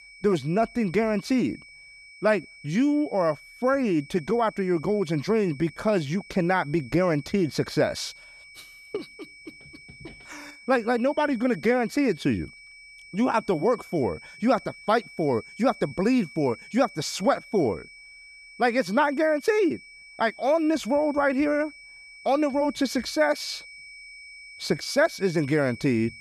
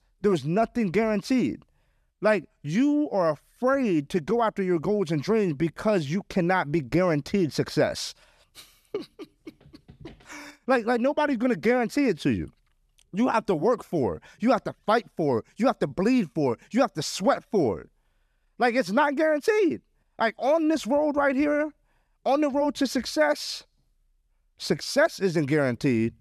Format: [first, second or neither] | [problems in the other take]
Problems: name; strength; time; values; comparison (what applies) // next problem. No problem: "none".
second | high-pitched whine; noticeable; throughout; 2.5 kHz, 20 dB below the speech